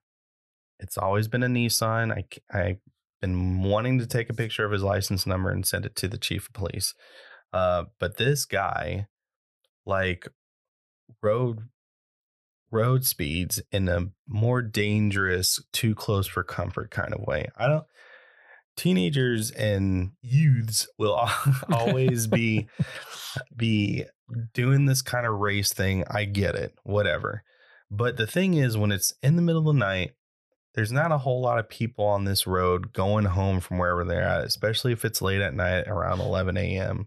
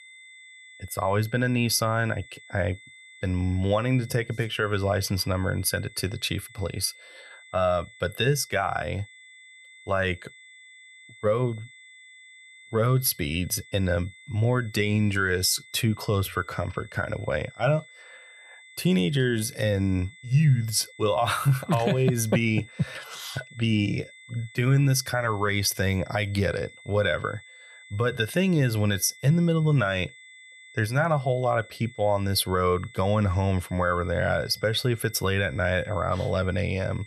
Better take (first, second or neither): first